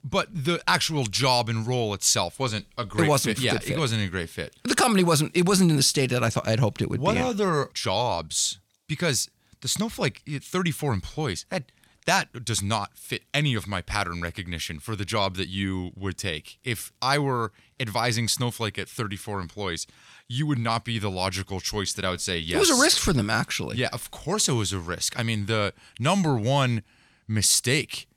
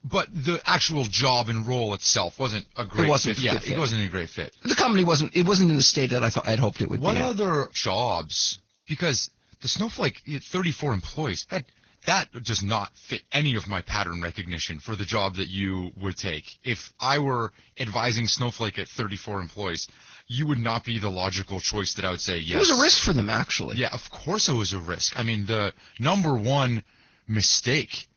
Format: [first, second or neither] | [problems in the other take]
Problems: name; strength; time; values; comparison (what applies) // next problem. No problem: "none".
first | garbled, watery; badly; nothing above 6.5 kHz